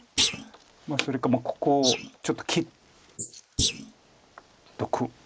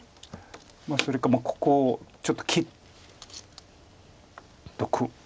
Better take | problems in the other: second | noise reduction (neural mask model Resemble Enhance denoiser)

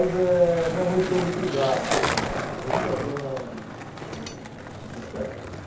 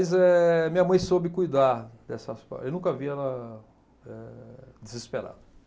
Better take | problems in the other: second | background sound (Skateboard); 4 dB below the speech // room echo; dies away in 0.6 s

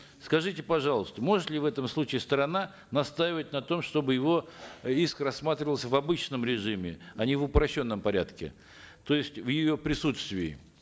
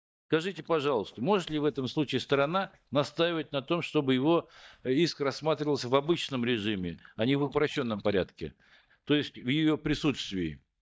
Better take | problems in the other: first | noise reduction (neural mask model DeepFilterNet 3)

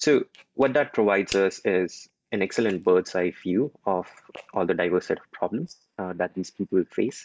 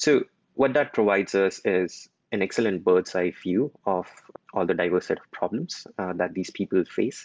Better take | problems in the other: second | noise reduction (neural mask model DeepFilterNet 3)

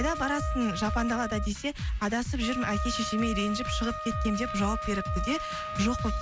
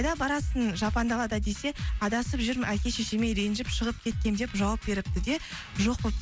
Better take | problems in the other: second | background sound (Wind instrument, woodwind instrument); 7 dB below the speech

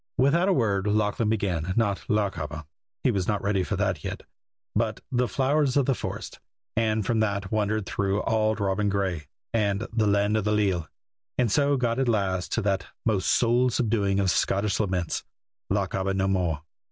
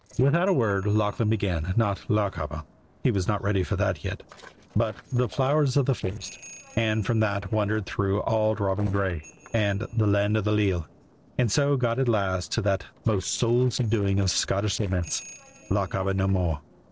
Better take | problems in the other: first | noise reduction (neural separator model SepFormer DNS4)

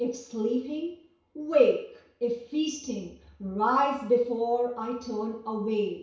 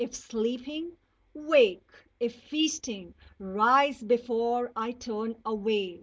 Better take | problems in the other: second | room echo; dies away in 0.6 s

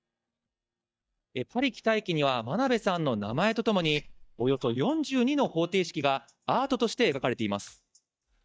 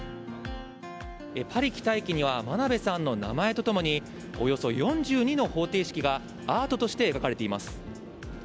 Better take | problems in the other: second | noise reduction (neural mask model DeepFilterNet 3)

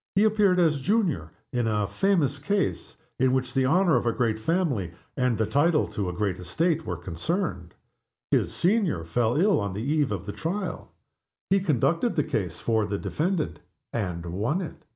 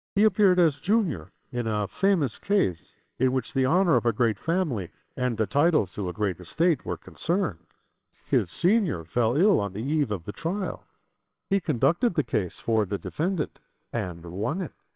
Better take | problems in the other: first | noise reduction (neural separator model SepFormer WHAMR!)

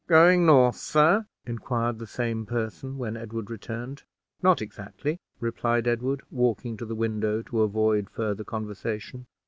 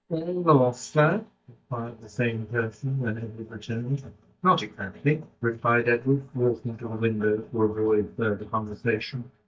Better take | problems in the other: first | noise reduction (neural mask model DeepFilterNet 3)

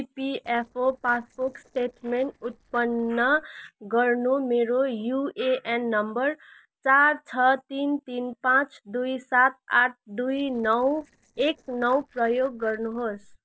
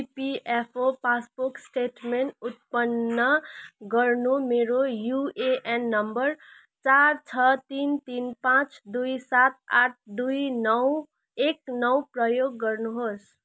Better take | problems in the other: second | noise reduction (neural separator model SepFormer DNS4)

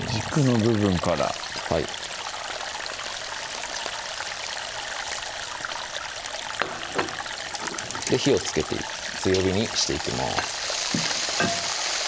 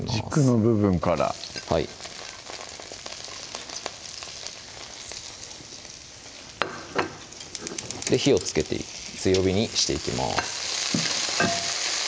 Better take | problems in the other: second | background sound (Stream); 6 dB below the speech

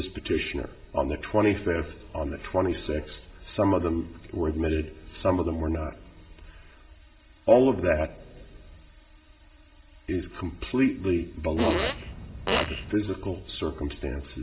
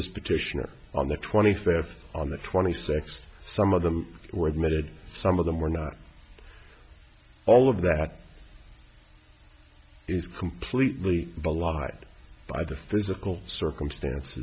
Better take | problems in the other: second | background sound (Fart); 1 dB below the speech // room echo; dies away in 1.6 s

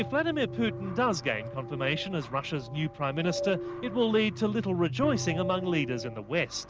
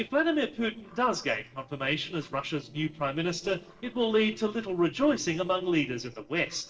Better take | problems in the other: first | noise reduction (neural separator model SepFormer DNS4)

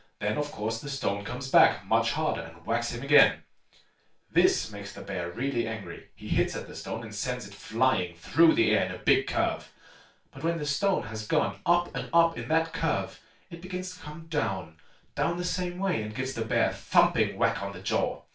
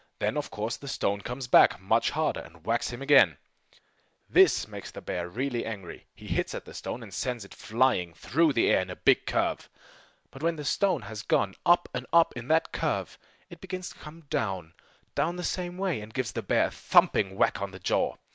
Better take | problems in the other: second | room echo; dies away in 0.3 s

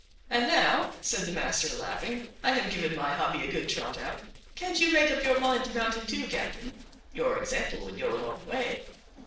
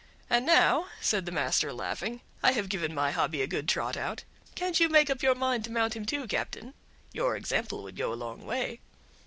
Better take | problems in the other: second | noise reduction (neural separator model SepFormer DNS4)

